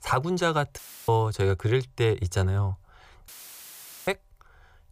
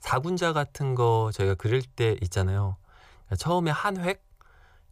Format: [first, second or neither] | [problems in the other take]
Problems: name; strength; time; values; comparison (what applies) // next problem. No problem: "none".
second | audio cutting out; filled with static; at 1 s and at 3.5 s for 1 s